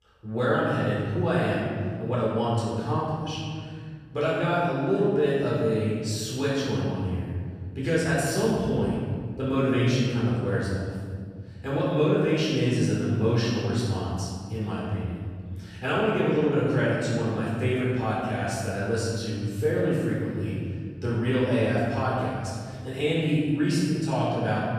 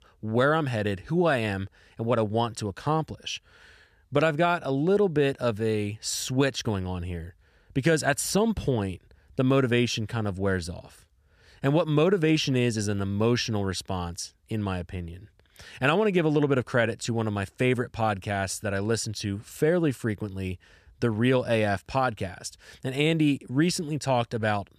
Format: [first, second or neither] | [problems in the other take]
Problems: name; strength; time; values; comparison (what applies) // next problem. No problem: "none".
second | off-mic speech; far // room echo; strong; dies away in 2.4 s